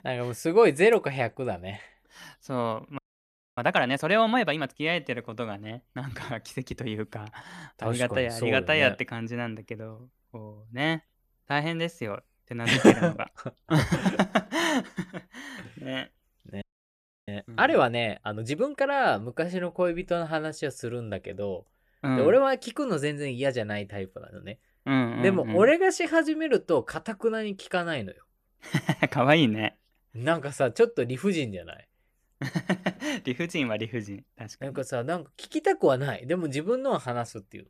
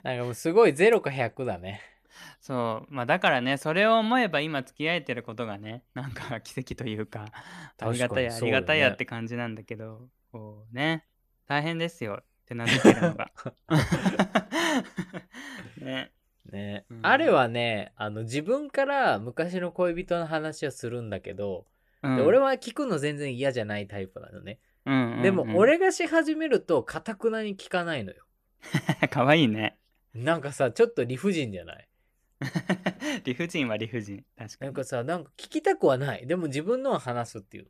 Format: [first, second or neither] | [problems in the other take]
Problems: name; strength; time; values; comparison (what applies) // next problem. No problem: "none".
second | audio freezing; at 3 s for 0.5 s and at 17 s for 0.5 s